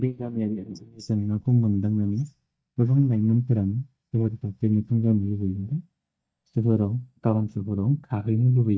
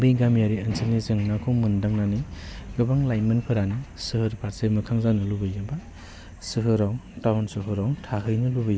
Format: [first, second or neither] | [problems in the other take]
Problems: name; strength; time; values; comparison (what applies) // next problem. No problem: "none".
second | noise reduction (neural mask model DeepFilterNet 3)